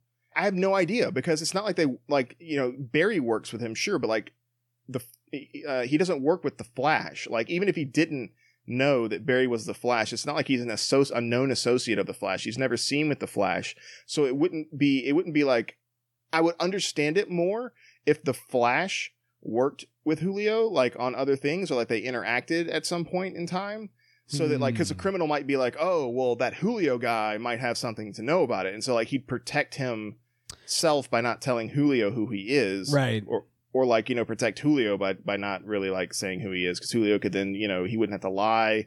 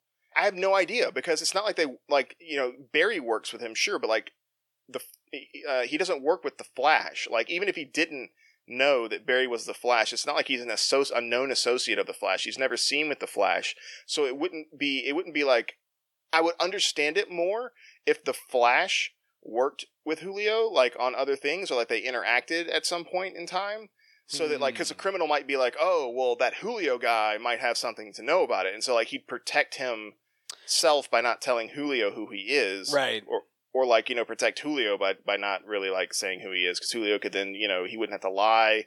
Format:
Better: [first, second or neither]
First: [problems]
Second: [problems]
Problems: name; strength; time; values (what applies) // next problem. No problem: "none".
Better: first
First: none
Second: thin; somewhat; fading below 550 Hz